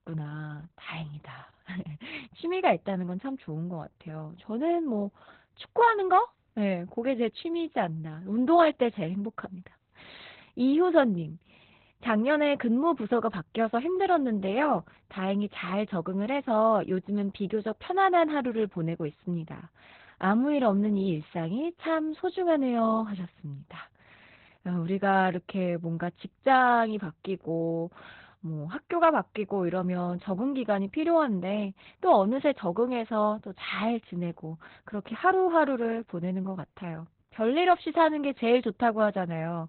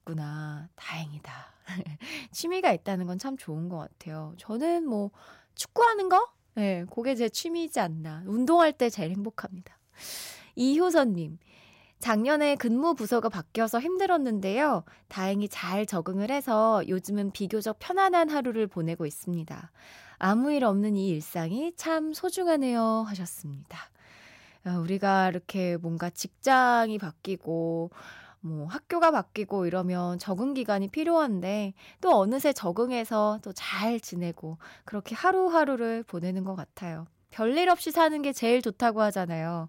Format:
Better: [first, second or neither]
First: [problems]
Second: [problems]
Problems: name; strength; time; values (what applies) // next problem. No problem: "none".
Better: second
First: garbled, watery; badly; nothing above 4 kHz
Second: none